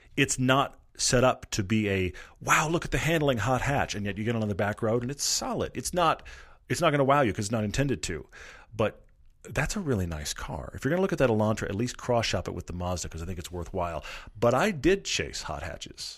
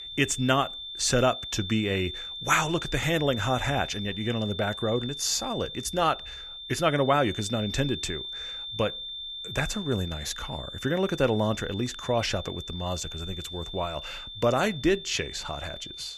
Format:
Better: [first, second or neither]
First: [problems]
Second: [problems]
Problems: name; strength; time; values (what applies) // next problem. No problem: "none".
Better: first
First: none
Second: high-pitched whine; loud; throughout; 3.5 kHz, 8 dB below the speech